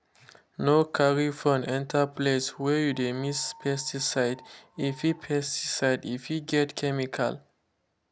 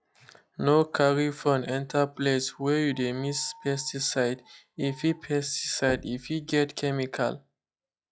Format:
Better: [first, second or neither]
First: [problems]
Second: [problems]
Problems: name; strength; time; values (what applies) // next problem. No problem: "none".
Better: first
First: none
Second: noise reduction (classical method log-MMSE)